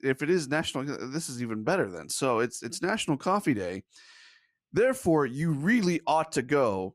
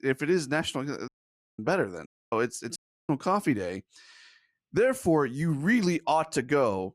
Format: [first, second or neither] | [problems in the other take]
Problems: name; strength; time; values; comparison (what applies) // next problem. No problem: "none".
first | audio cutting out; at 1 s for 0.5 s, at 2 s and at 3 s